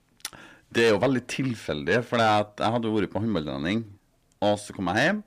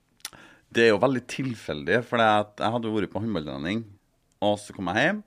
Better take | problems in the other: second | distortion; slight; 10 dB below the speech

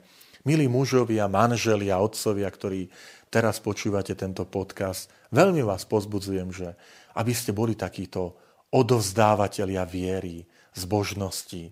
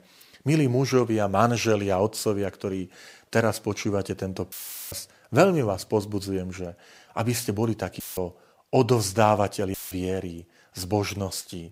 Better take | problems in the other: first | audio cutting out; filled with static; at 4.5 s, at 8 s and at 9.5 s

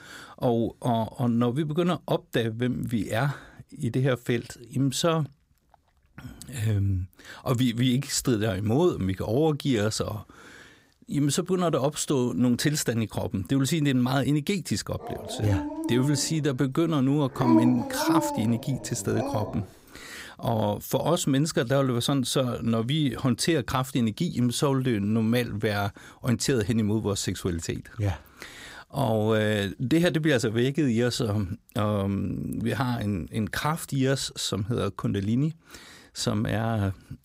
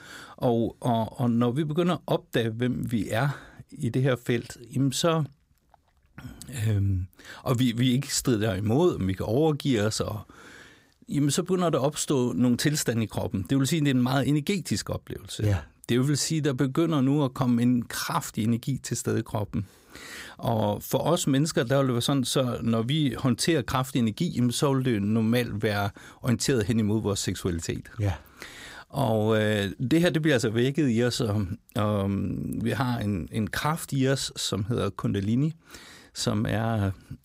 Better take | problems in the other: second | dog barking; loud; from 15 to 20 s; peak 3 dB above the speech

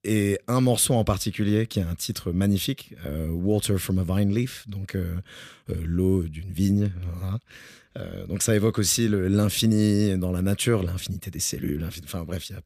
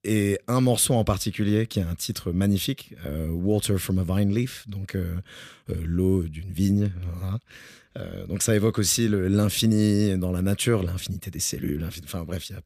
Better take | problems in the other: neither | none

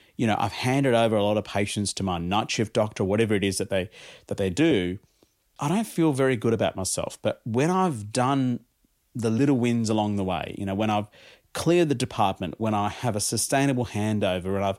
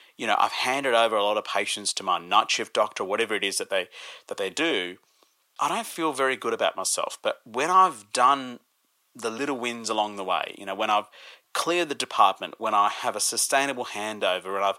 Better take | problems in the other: first | thin; very; fading below 550 Hz

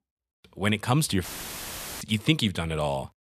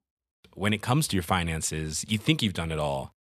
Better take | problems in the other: second | audio cutting out; filled with static; at 1 s for 1 s

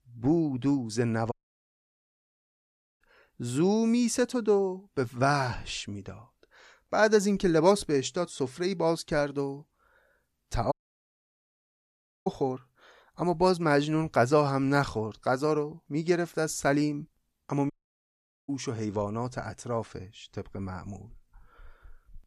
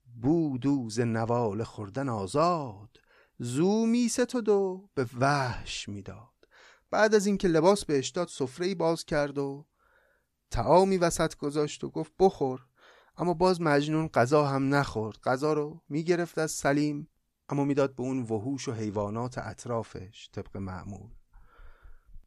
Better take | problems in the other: second | audio cutting out; at 1.5 s for 1.5 s, at 11 s for 1.5 s and at 18 s for 1 s

